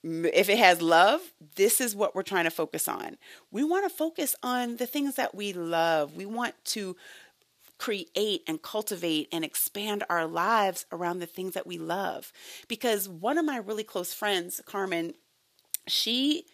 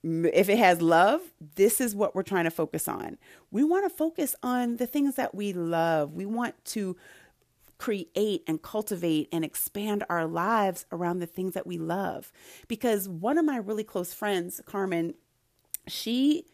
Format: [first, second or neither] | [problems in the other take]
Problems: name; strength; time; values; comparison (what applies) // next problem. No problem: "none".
second | thin; very slightly; fading below 450 Hz